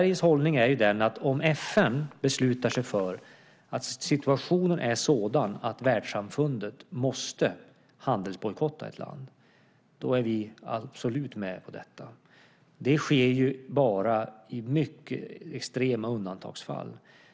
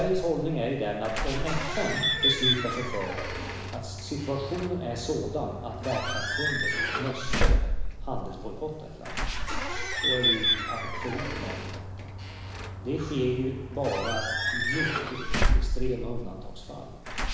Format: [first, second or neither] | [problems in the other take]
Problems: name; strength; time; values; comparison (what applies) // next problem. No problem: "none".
first | background sound (Squeak / Slam / Alarm / Wood); 4 dB above the speech // room echo; dies away in 1 s